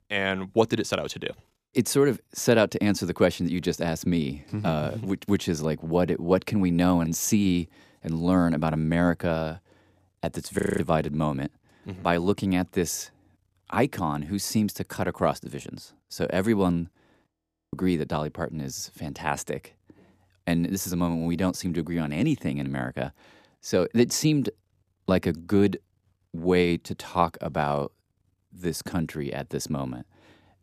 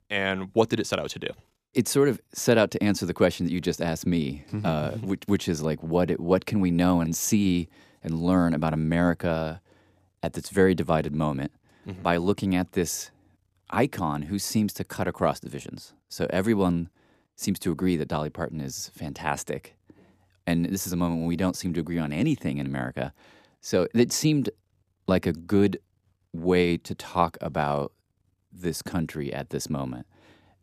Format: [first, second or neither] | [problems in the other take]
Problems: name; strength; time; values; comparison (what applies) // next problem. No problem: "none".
second | audio freezing; at 11 s and at 17 s